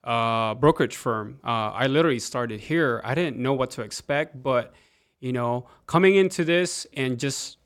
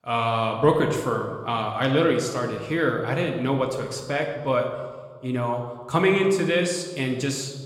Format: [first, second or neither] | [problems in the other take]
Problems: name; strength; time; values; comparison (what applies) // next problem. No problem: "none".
first | room echo; slight; dies away in 1 s // off-mic speech; somewhat distant